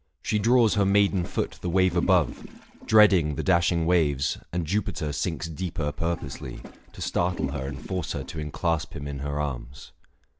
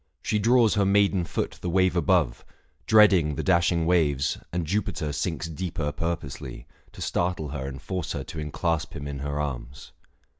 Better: second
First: background sound (Toilet flush); 15 dB below the speech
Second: none

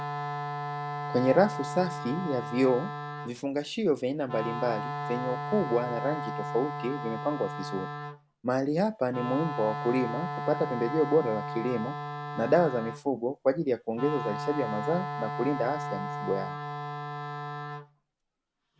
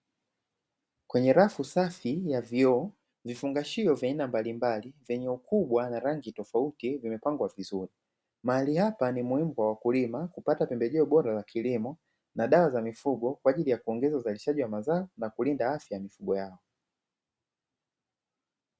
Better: second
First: background sound (Wind instrument, woodwind instrument); 6 dB below the speech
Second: none

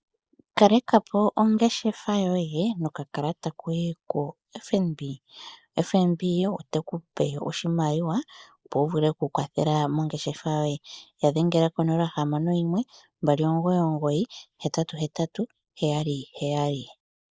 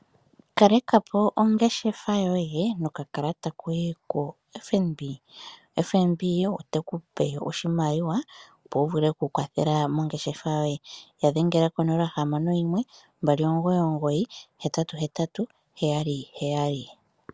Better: second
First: noise reduction (neural mask model Resemble Enhance denoiser)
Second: none

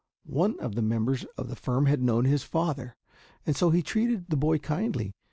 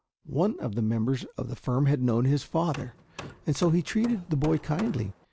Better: first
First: none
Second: background sound (Hammer); 17 dB below the speech

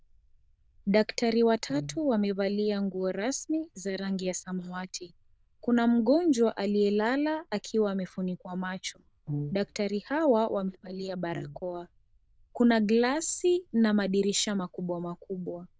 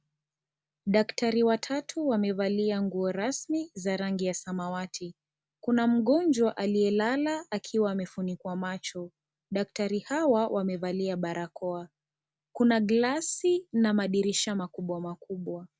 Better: second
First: noise reduction (neural diffusion model UNIVERSE++)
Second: none

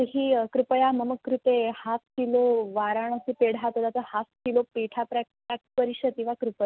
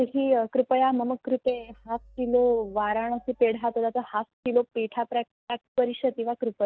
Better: first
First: none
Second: noise reduction (neural mask model DeepFilterNet 3)

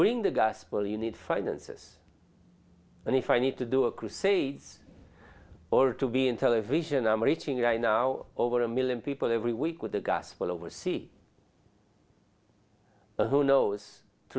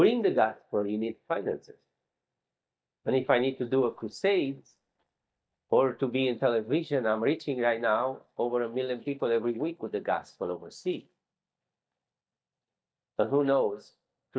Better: first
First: none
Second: noise reduction (neural mask model DeepFilterNet 3)

